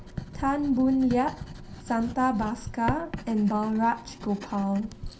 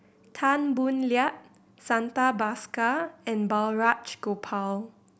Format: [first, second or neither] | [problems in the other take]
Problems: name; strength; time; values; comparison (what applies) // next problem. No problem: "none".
second | background sound (Writing); 12 dB below the speech // room echo; dies away in 0.3 s